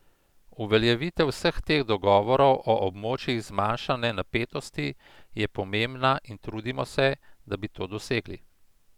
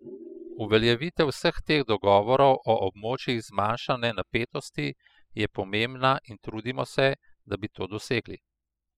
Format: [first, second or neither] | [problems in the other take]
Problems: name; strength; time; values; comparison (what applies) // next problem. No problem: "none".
first | noise reduction (classical method spectral subtraction)